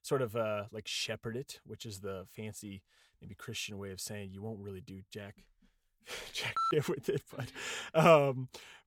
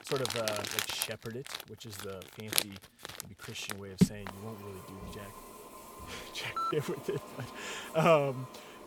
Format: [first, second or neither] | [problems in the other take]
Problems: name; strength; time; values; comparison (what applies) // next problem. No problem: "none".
first | household noises; loud; throughout; 2 dB below the speech